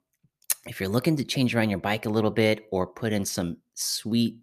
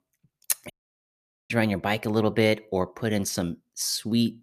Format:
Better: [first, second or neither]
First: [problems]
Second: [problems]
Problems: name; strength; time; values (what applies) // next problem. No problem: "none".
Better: first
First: none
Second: audio cutting out; at 0.5 s for 1 s